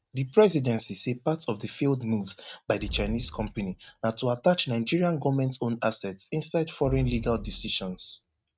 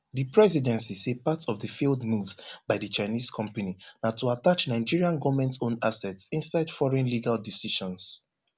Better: second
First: noise reduction (neural mask model RNNoise)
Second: none

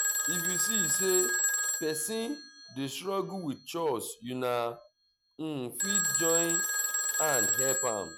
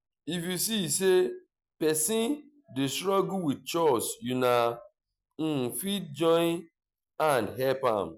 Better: second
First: background sound (Telephone); 2 dB above the speech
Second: none

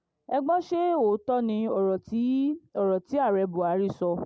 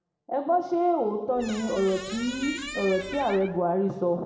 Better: first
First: none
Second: background sound (Squeak); 12 dB below the speech // room echo; dies away in 1.5 s

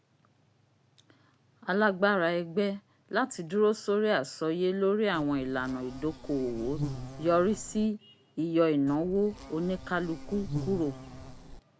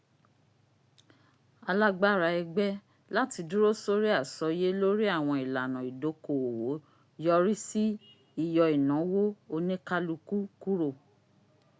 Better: second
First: background sound (Insect); 10 dB below the speech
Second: none

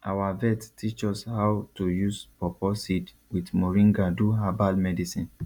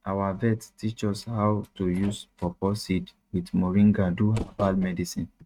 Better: first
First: none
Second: noise reduction (neural mask model RNNoise)

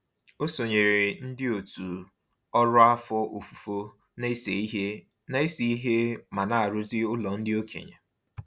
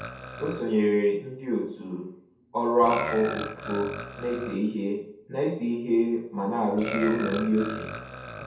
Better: first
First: none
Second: background sound (Burping, eructation); 11 dB below the speech // room echo; dies away in 0.7 s

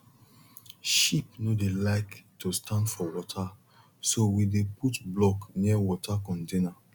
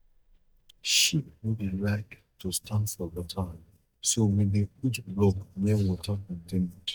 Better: first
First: none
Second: noise reduction (neural mask model DeepFilterNet 3)

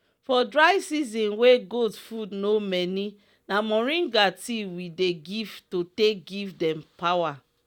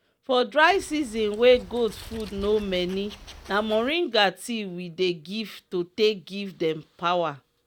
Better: first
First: none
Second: background sound (Wild animals); 18 dB below the speech

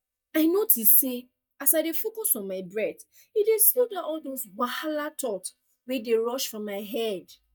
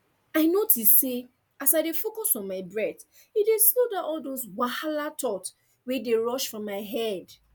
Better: second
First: noise reduction (neural mask model DeepFilterNet 3)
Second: none

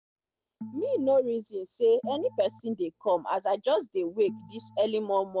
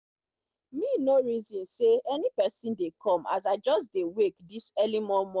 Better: second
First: background sound (Organ); 19 dB below the speech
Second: none

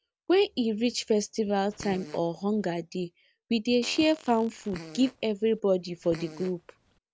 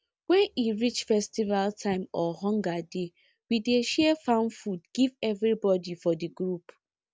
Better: second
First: background sound (Fart + Fart); 18 dB below the speech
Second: none

